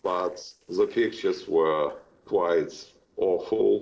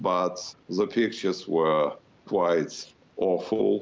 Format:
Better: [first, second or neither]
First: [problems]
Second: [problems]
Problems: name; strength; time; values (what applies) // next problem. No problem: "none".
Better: second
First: noise reduction (neural separator model SepFormer DNS4)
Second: none